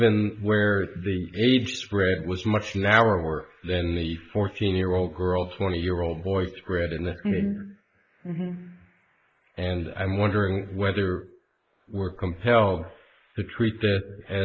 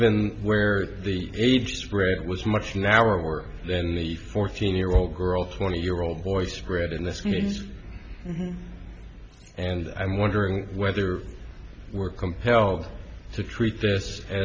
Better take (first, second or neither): second